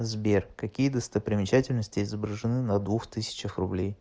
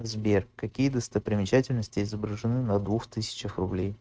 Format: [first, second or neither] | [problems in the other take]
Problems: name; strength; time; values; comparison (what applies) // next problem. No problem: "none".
first | noise reduction (neural mask model RNNoise)